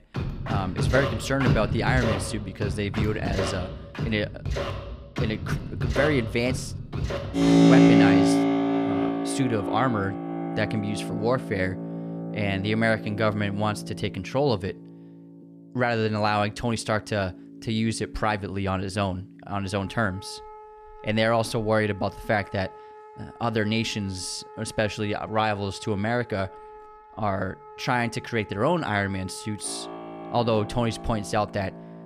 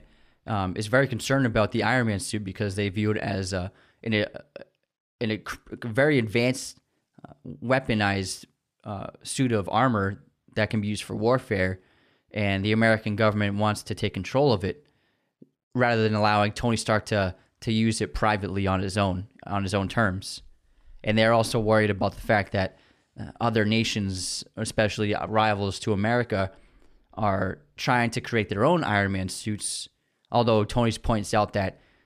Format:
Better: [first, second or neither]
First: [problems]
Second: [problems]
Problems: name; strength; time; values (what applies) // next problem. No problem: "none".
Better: second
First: background music; very loud; throughout; 1 dB above the speech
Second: none